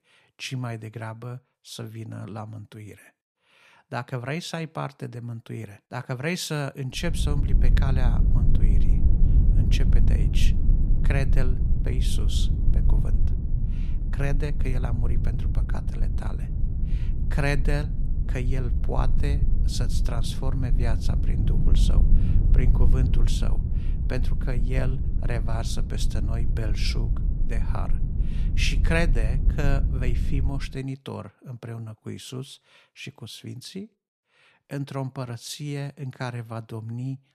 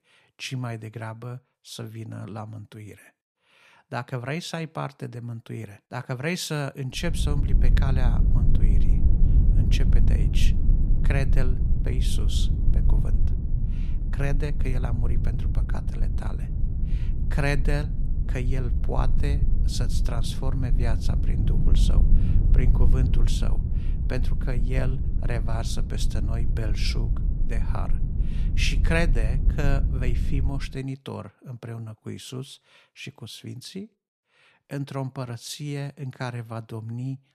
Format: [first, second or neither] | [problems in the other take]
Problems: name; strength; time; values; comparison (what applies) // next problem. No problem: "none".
neither | low rumble; loud; from 7 to 31 s; 7 dB below the speech; the same in both